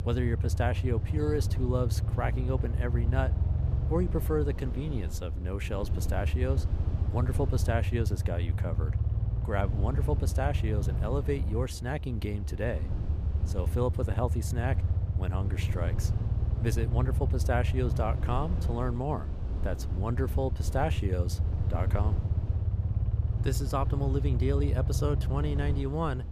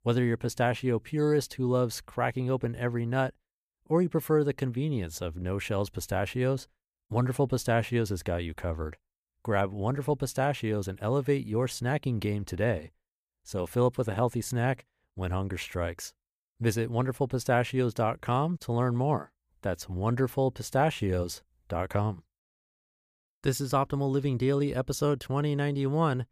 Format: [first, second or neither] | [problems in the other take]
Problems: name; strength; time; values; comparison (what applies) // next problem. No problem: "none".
second | low rumble; loud; throughout; 9 dB below the speech